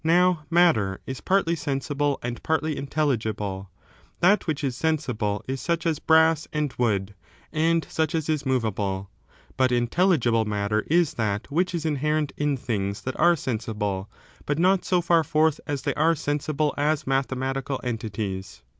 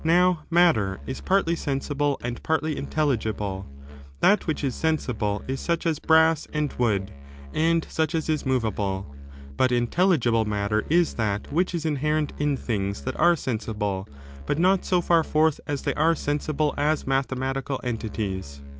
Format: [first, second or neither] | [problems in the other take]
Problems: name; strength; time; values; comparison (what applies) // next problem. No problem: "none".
first | background sound (Musical instrument); 15 dB below the speech